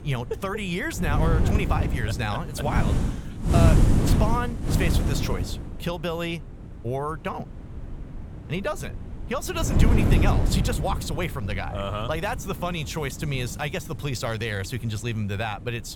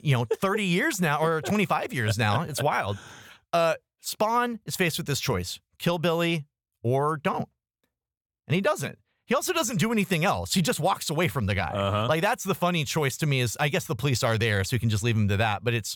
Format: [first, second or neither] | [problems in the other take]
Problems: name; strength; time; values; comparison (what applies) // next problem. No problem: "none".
second | wind noise on the microphone; heavy; 4 dB below the speech